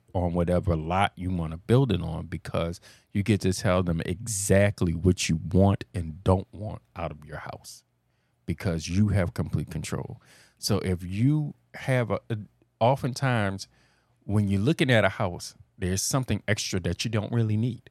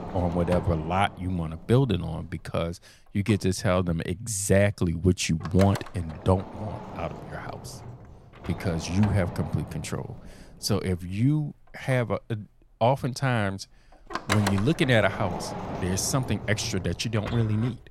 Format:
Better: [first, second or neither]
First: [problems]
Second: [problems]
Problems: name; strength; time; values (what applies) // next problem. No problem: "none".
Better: first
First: none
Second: household noises; noticeable; throughout; 10 dB below the speech